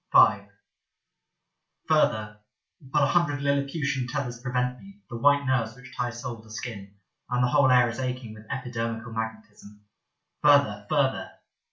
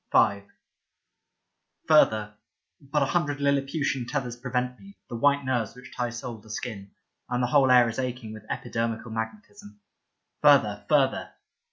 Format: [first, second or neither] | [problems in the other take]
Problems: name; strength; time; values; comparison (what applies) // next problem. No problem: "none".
second | room echo; dies away in 0.2 s